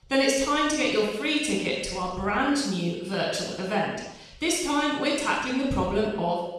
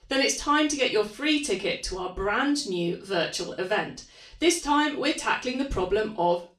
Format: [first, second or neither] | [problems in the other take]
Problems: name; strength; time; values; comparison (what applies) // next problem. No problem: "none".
second | room echo; strong; dies away in 0.9 s; slight in the second // off-mic speech; far; far in the second